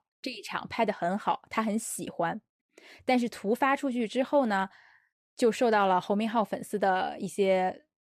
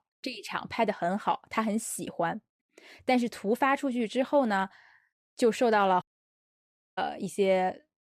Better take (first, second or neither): first